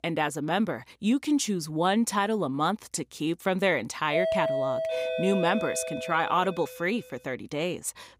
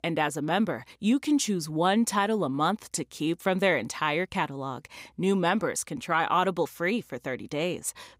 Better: second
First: doorbell; loud; from 4 to 6.5 s; peak 1 dB above the speech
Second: none

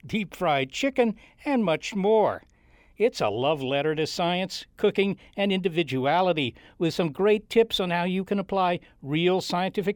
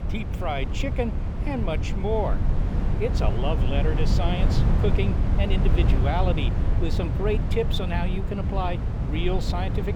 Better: first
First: none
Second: wind noise on the microphone; heavy; 5 dB below the speech

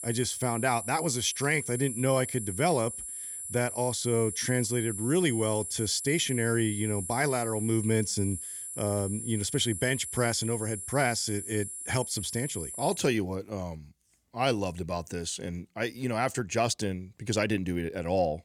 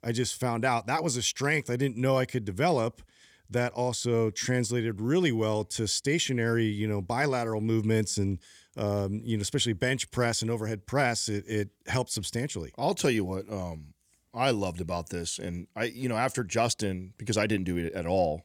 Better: second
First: high-pitched whine; loud; until 13 s; 10 kHz, 6 dB below the speech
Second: none

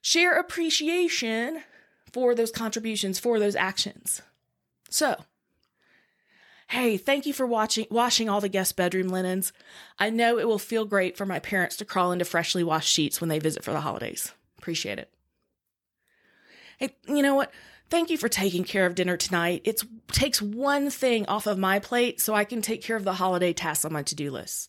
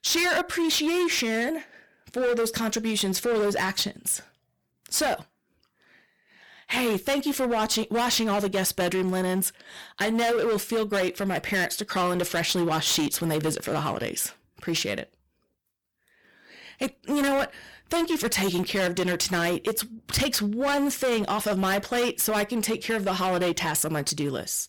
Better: first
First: none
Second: distortion; heavy; 17% of the sound clipped

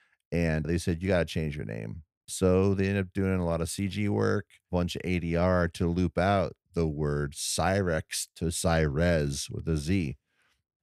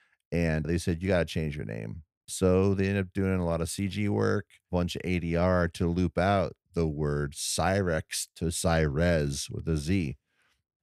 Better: neither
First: none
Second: none

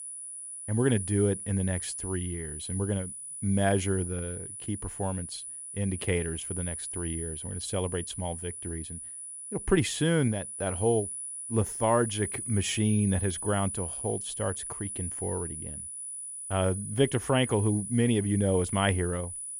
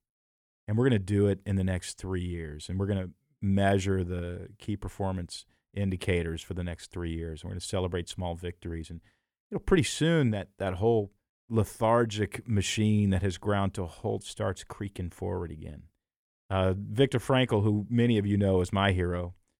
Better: second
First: high-pitched whine; loud; throughout; 10 kHz, 6 dB below the speech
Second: none

